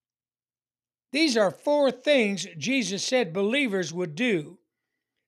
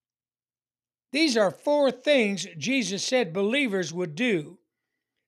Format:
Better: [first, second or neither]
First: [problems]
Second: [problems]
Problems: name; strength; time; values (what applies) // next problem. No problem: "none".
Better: neither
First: none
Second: none